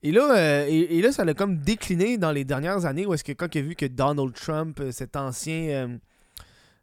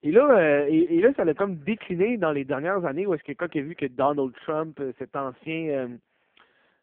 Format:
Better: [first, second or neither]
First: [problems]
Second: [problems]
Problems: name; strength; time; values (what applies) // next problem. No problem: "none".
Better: first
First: none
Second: phone-call audio; poor line